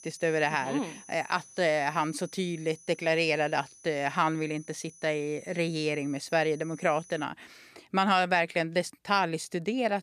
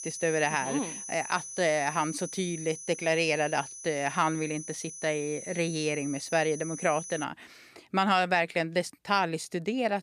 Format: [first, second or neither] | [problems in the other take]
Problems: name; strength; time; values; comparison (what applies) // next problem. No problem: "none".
first | high-pitched whine; loud; until 7 s; 6 kHz, 10 dB below the speech; faint in the first